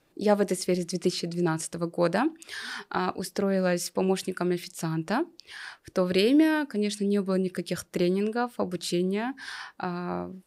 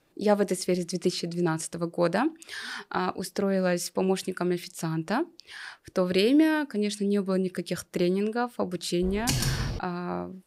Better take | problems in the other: first | keyboard typing; loud; at 9 s; peak 1 dB above the speech

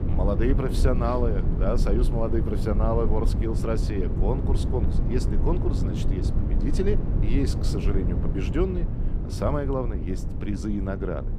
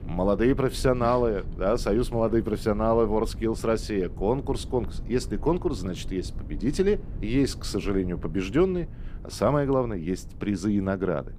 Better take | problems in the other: second | low rumble; loud; throughout; 7 dB below the speech; faint in the second

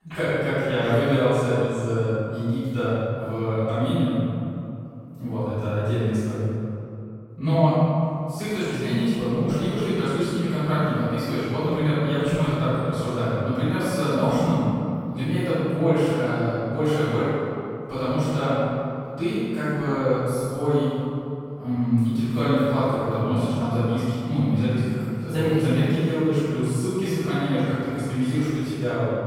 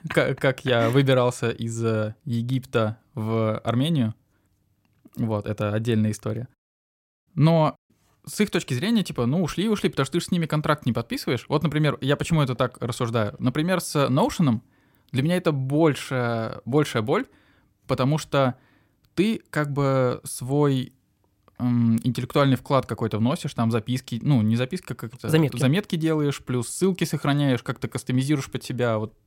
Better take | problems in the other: second | room echo; strong; dies away in 2.4 s // off-mic speech; far

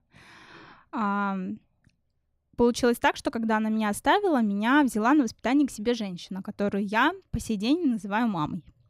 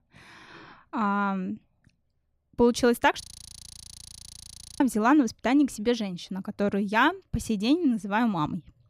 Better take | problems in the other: first | audio freezing; at 3 s for 1.5 s

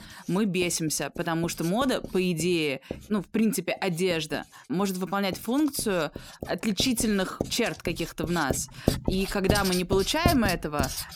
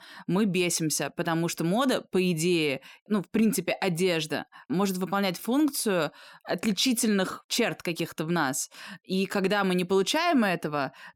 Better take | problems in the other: second | household noises; loud; throughout; 7 dB below the speech

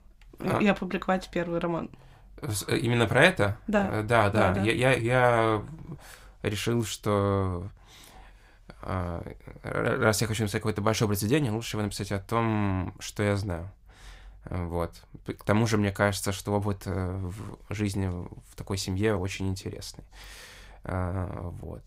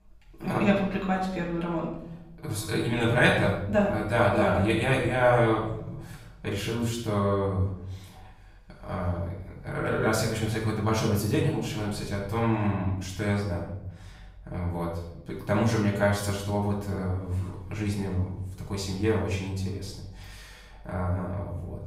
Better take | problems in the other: first | off-mic speech; far // room echo; noticeable; dies away in 0.7 s

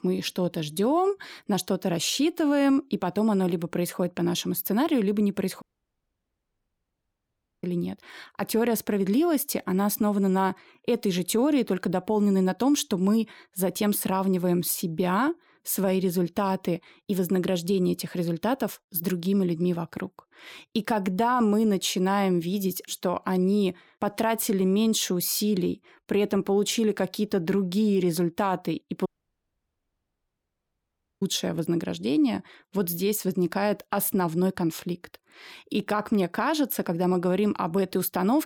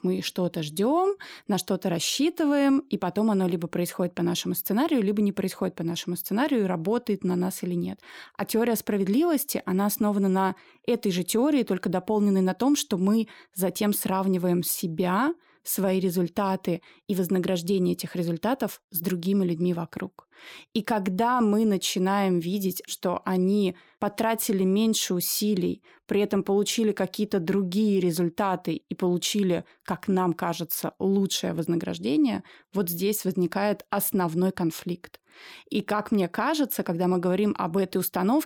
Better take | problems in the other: second | audio cutting out; at 5.5 s for 2 s and at 29 s for 2 s

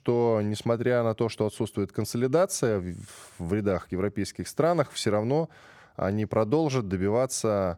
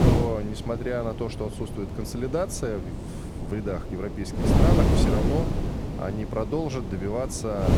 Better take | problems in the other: first | wind noise on the microphone; heavy; 2 dB below the speech

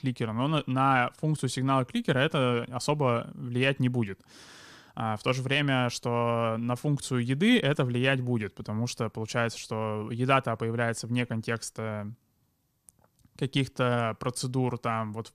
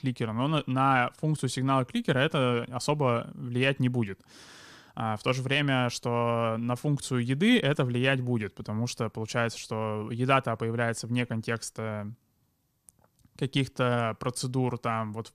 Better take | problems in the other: neither | none

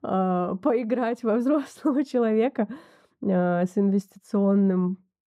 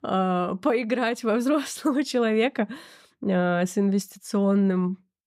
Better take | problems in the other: second | muffled; slightly; fading above 1.5 kHz

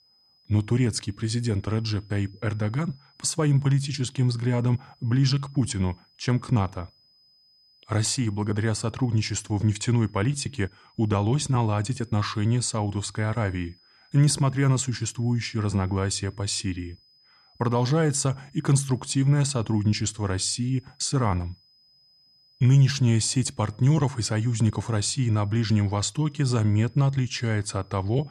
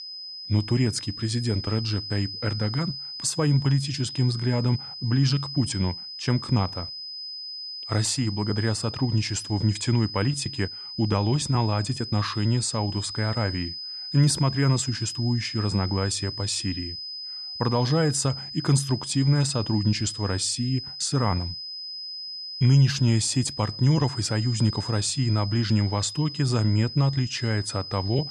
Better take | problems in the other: first | high-pitched whine; loud; throughout; 5 kHz, 8 dB below the speech; faint in the first

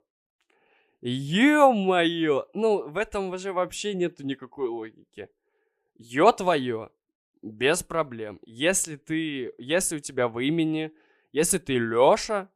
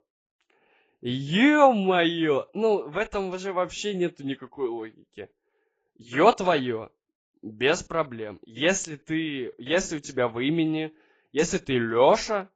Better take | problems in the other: first | garbled, watery; badly; nothing above 7.5 kHz

